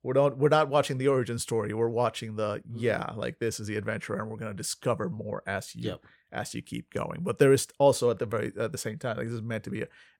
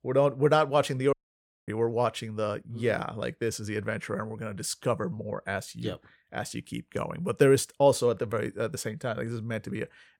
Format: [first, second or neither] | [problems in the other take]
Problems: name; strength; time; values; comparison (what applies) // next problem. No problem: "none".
first | audio cutting out; at 1 s for 0.5 s